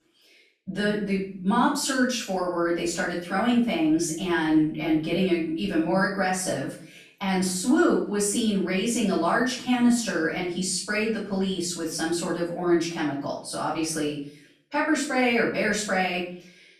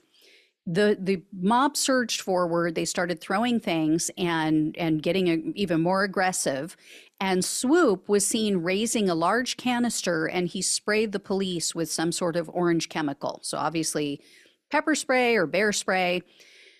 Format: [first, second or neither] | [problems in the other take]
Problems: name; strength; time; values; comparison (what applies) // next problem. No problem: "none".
second | off-mic speech; far // room echo; noticeable; dies away in 0.4 s